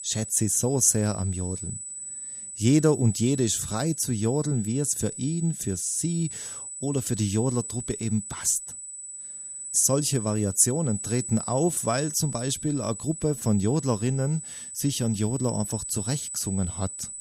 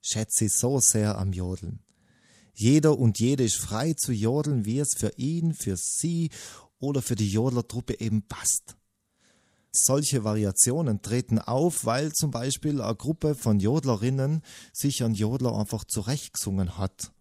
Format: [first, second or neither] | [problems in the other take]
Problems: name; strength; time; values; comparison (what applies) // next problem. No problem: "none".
second | high-pitched whine; loud; throughout; 8 kHz, 9 dB below the speech